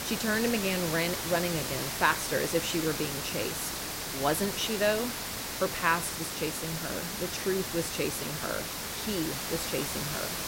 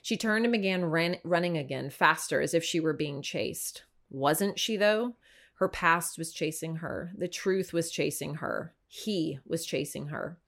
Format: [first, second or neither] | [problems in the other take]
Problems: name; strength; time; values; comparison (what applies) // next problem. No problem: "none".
second | hiss; loud; throughout; 2 dB below the speech